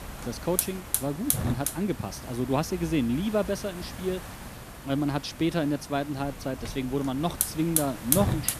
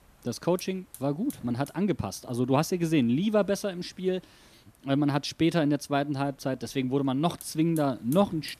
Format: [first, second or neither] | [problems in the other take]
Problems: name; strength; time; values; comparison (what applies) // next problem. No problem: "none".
second | hiss; loud; throughout; 2 dB below the speech; faint in the second